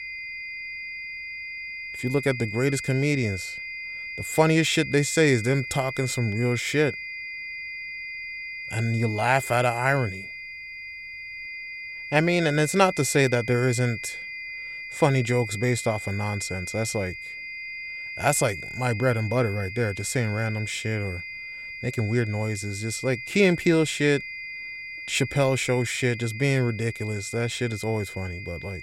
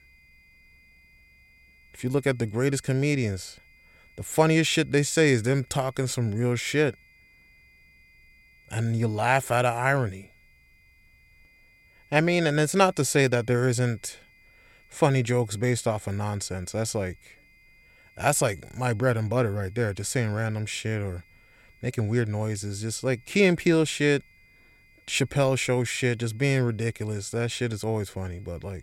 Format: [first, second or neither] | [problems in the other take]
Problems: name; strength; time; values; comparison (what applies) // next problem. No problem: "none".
second | high-pitched whine; loud; throughout; 2 kHz, 9 dB below the speech; faint in the second